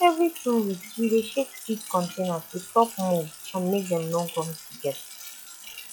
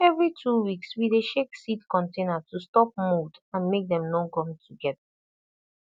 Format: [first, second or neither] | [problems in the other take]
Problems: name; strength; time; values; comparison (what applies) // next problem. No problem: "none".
second | noise reduction (classical method log-MMSE)